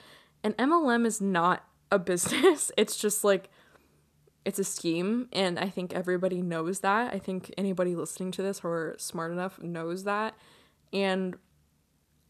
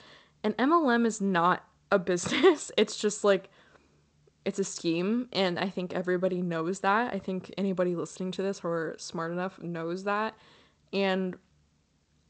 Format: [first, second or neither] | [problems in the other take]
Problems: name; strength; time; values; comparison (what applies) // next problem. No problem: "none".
first | garbled, watery; slightly; nothing above 8 kHz